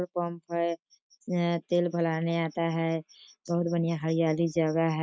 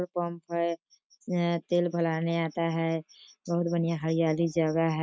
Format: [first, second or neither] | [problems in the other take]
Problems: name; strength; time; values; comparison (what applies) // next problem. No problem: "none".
second | noise reduction (neural mask model Resemble Enhance denoiser)